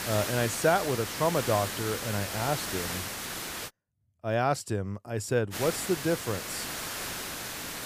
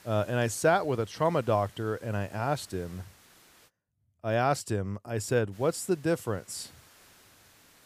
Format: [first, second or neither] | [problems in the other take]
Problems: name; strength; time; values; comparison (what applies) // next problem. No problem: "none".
second | hiss; loud; until 3.5 s and from 5.5 s on; 4 dB below the speech; faint in the second